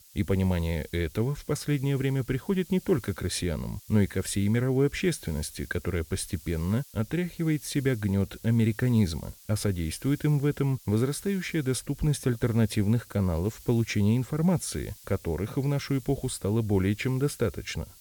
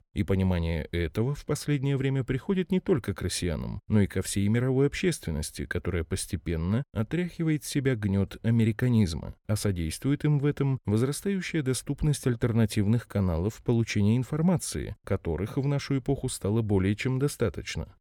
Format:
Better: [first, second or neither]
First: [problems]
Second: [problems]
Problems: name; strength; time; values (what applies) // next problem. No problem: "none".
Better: second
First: hiss; faint; throughout; 20 dB below the speech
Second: none